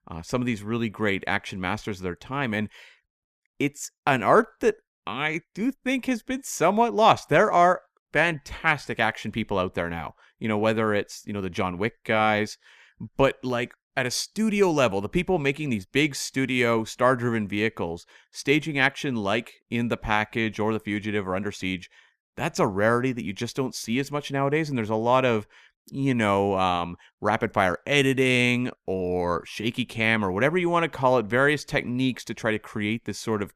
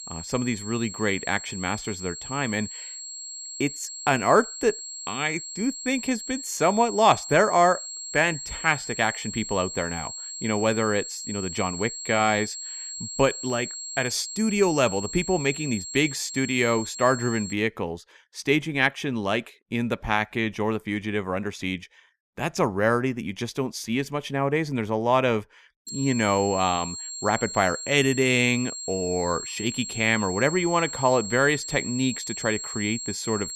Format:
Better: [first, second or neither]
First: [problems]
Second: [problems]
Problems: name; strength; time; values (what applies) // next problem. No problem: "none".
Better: first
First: none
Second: high-pitched whine; loud; until 18 s and from 26 s on; 7.5 kHz, 8 dB below the speech